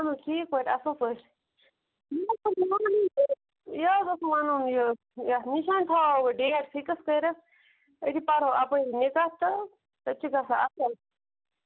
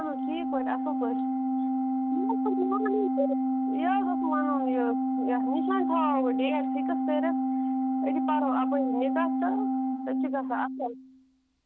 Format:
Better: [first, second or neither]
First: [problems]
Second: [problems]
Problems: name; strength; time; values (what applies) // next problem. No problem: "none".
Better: first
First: none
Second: background sound (Organ); 4 dB above the speech